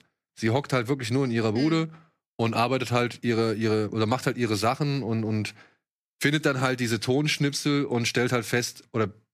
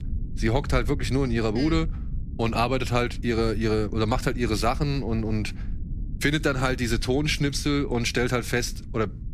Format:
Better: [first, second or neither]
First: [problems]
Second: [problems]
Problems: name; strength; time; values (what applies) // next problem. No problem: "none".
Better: first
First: none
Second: low rumble; faint; throughout; 20 dB below the speech